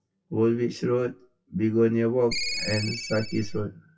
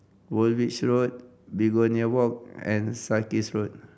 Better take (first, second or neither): second